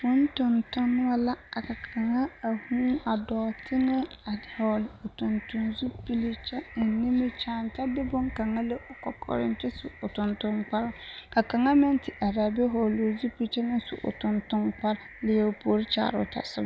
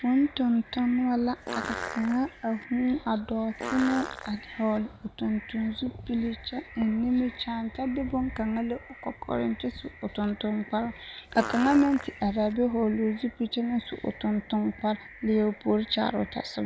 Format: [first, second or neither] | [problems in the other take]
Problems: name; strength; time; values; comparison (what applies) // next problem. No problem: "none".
first | background sound (Fart); 9 dB below the speech